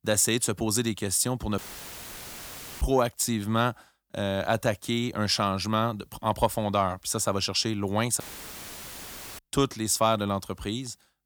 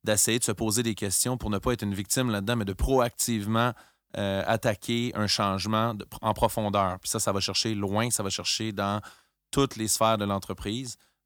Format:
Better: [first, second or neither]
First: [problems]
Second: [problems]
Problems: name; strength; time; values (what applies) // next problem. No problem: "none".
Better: second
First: audio cutting out; filled with static; at 1.5 s for 1 s and at 8 s for 1 s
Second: none